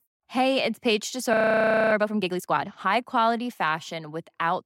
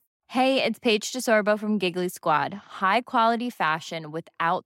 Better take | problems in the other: second | audio freezing; at 1.5 s for 0.5 s

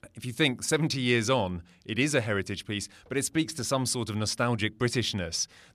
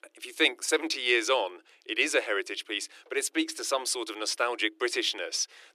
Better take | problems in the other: first | thin; very; fading below 300 Hz

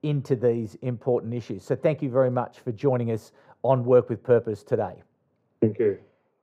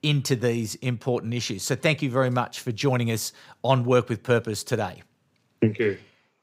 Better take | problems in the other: second | muffled; very; fading above 2 kHz

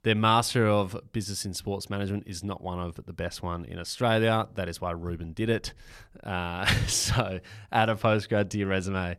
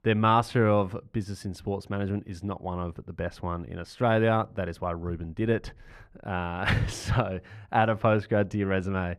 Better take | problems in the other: first | muffled; slightly; fading above 3 kHz

